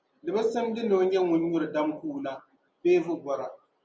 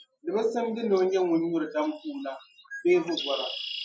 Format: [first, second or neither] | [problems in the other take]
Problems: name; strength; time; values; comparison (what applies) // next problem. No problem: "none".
first | noise reduction (classical method Wiener filter)